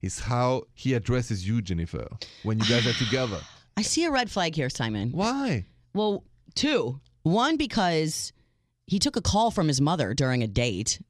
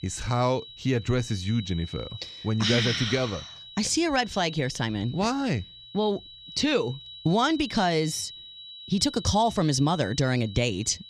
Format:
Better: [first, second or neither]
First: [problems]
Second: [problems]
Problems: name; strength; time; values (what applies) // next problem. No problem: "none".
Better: first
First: none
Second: high-pitched whine; noticeable; throughout; 4 kHz, 15 dB below the speech